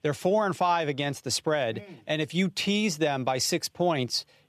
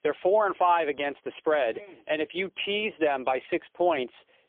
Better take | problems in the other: first | phone-call audio; poor line; nothing above 3.5 kHz

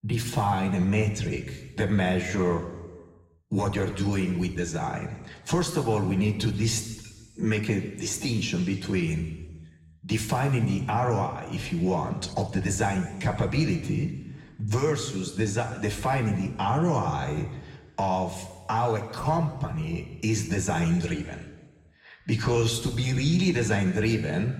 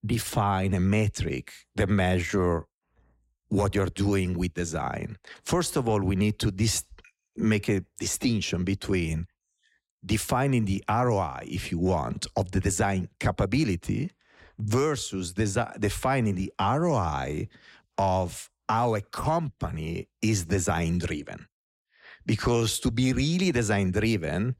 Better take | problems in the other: second | room echo; slight; dies away in 1.3 s // off-mic speech; somewhat distant

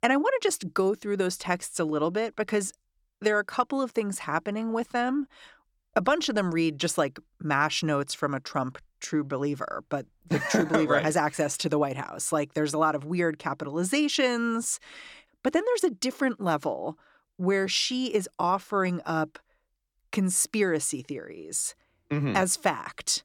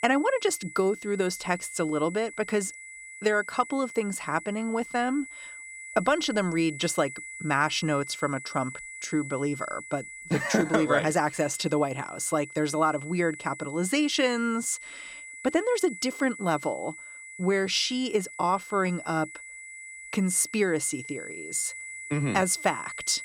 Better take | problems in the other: first | high-pitched whine; noticeable; throughout; 2 kHz, 10 dB below the speech

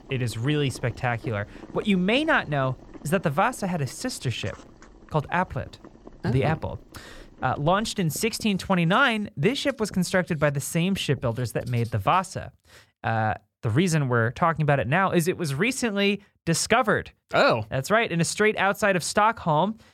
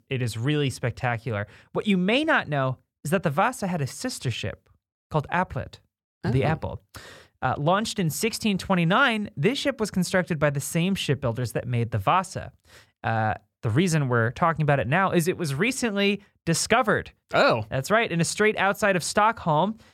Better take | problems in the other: second | household noises; faint; until 12 s; 25 dB below the speech

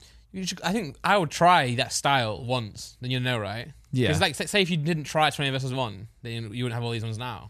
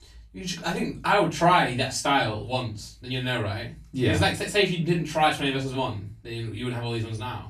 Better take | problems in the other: first | off-mic speech; far // room echo; very slight; dies away in 0.2 s

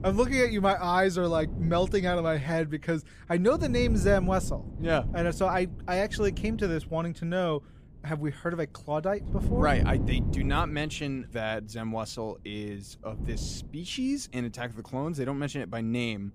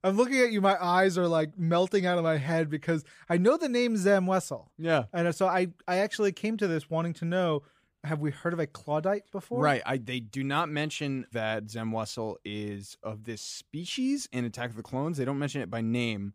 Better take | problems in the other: second | wind noise on the microphone; occasional gusts; 15 dB below the speech

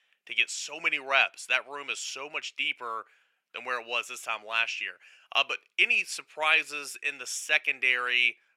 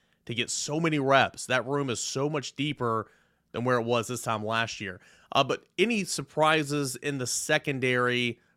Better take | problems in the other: second | thin; very; fading below 700 Hz

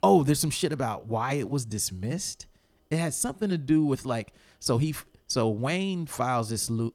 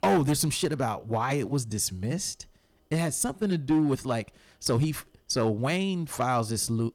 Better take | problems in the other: first | distortion; slight; 3% of the sound clipped

